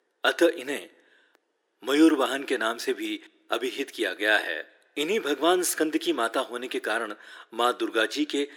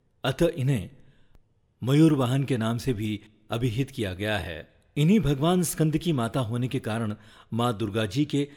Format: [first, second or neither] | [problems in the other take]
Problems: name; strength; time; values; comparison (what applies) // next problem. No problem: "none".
second | thin; very; fading below 300 Hz